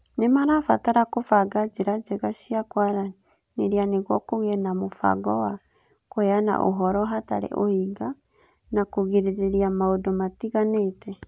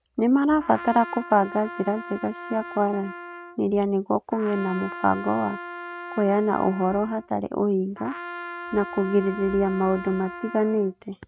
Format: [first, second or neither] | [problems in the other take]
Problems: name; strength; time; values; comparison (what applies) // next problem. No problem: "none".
first | noise reduction (neural mask model RNNoise)